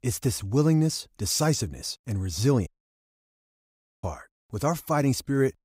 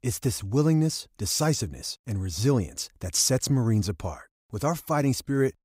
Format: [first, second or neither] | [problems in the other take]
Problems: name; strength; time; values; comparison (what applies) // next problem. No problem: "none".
second | audio cutting out; at 2.5 s for 1.5 s